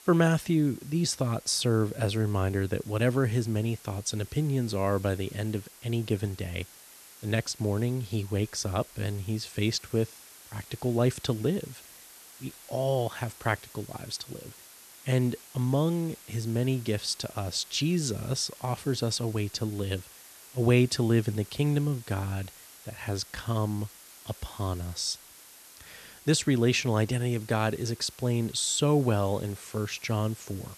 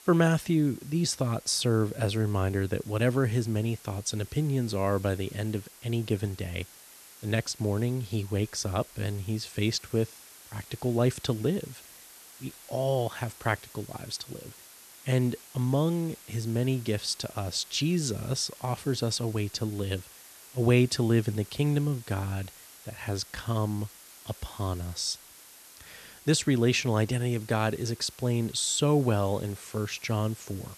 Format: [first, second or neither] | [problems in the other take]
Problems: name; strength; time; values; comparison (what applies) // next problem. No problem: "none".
neither | hiss; noticeable; throughout; 20 dB below the speech; the same in both